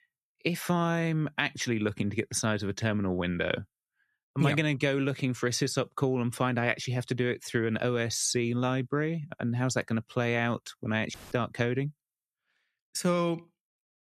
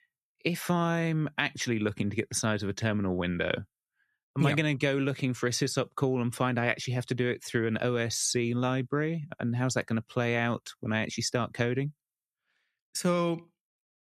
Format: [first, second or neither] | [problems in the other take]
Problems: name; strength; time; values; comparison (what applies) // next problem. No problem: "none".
second | audio cutting out; filled with static; at 11 s